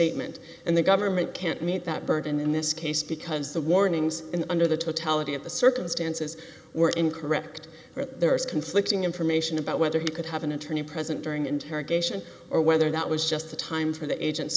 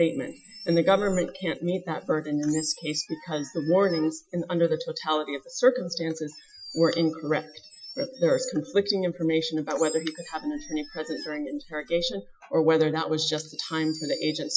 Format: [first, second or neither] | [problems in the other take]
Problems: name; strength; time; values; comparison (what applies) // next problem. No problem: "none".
first | noise reduction (classical method Wiener filter)